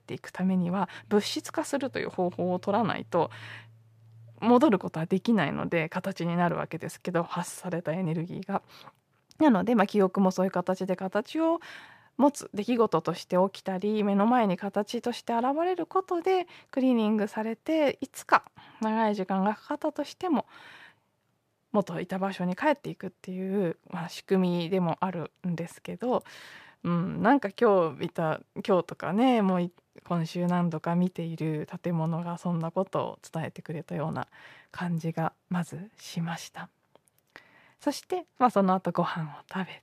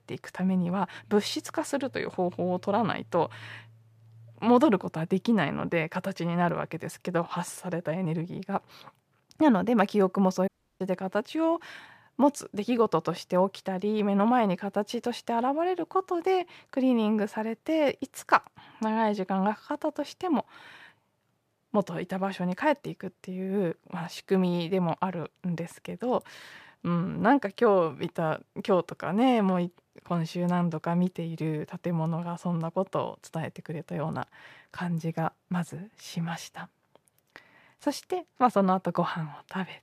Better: first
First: none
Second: audio cutting out; at 10 s

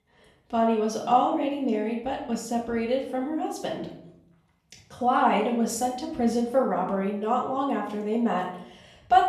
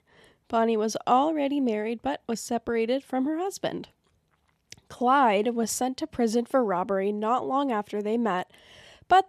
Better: second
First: off-mic speech; far // room echo; noticeable; dies away in 0.6 s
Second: none

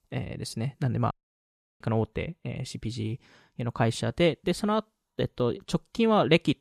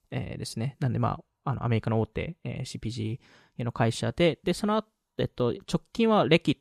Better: second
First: audio cutting out; at 1 s for 0.5 s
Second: none

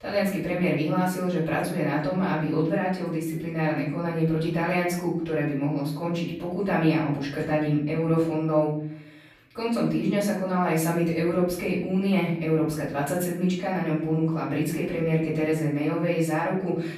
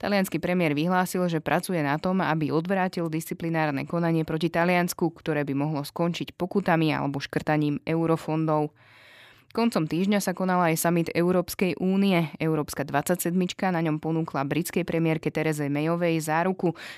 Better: second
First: off-mic speech; far // room echo; noticeable; dies away in 0.7 s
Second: none

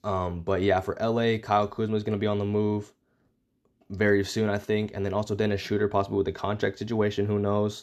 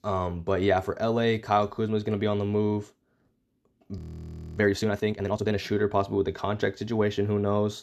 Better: first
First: none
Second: audio freezing; at 4 s for 0.5 s

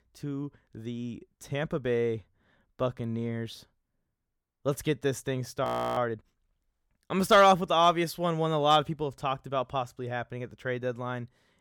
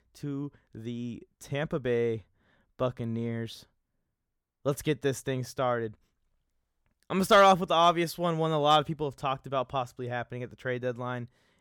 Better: second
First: audio freezing; at 5.5 s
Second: none

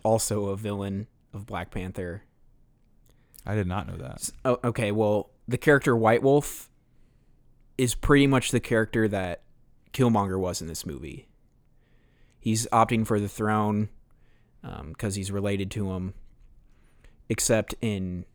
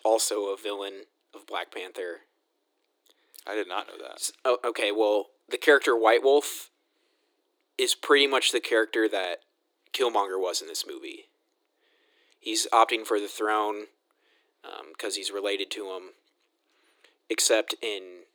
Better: first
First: none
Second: thin; very; fading below 300 Hz

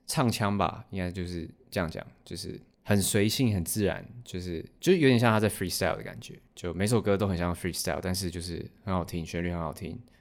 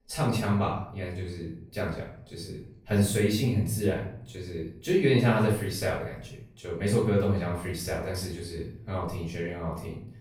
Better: first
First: none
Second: off-mic speech; far // room echo; noticeable; dies away in 0.6 s

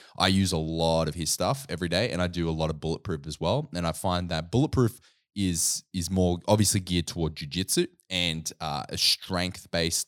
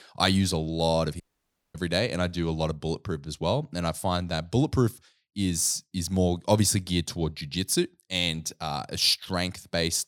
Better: first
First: none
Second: audio cutting out; at 1 s for 0.5 s

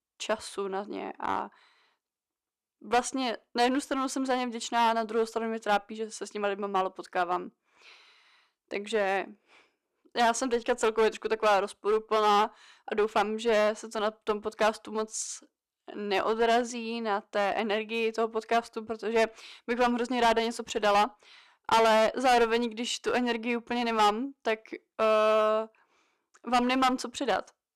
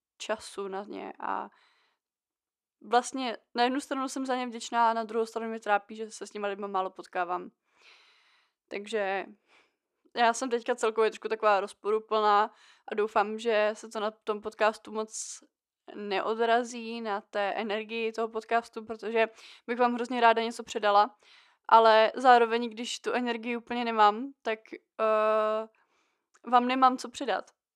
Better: second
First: distortion; heavy; 6% of the sound clipped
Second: none

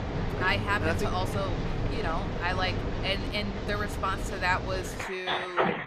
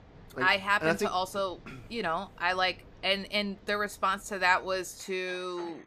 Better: second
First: machinery noise; loud; throughout; 1 dB below the speech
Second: machinery noise; faint; throughout; 25 dB below the speech

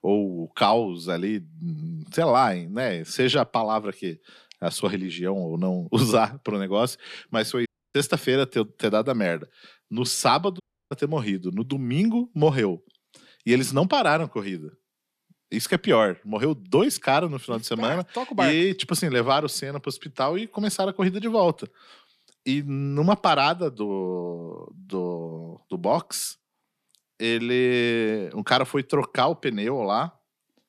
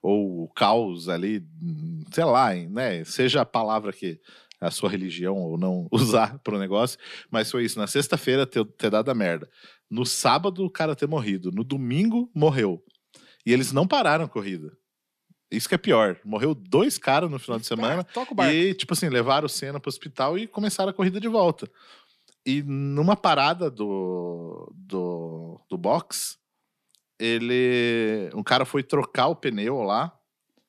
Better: second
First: audio cutting out; at 7.5 s and at 11 s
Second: none

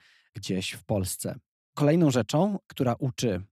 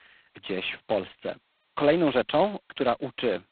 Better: first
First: none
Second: phone-call audio; poor line; nothing above 4 kHz

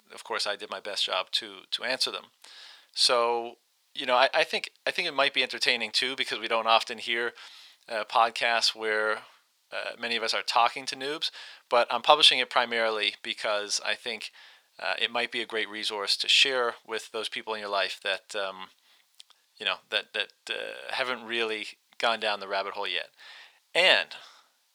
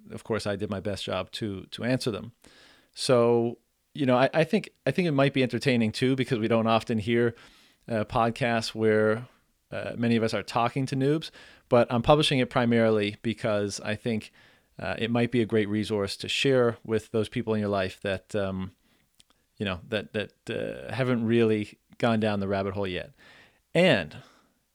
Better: second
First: thin; very; fading below 800 Hz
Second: none

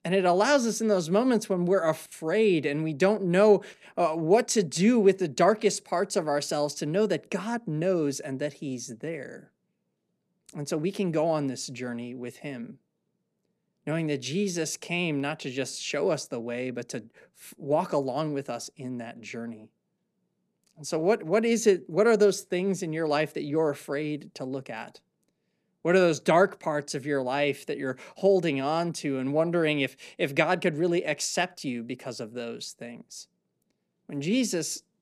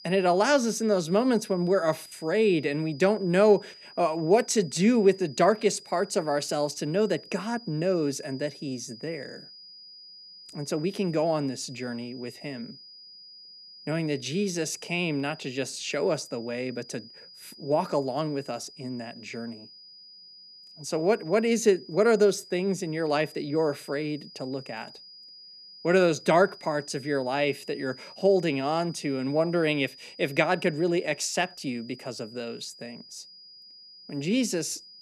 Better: first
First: none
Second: high-pitched whine; noticeable; throughout; 5 kHz, 20 dB below the speech

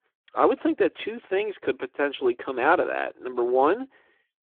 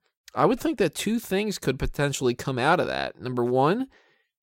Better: second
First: phone-call audio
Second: none

